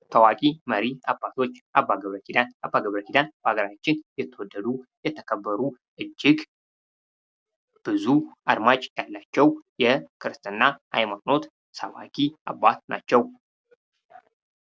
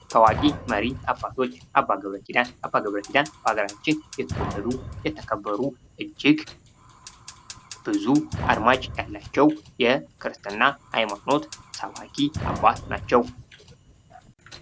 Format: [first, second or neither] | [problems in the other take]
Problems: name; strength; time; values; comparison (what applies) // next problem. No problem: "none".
first | background sound (Fire); 13 dB below the speech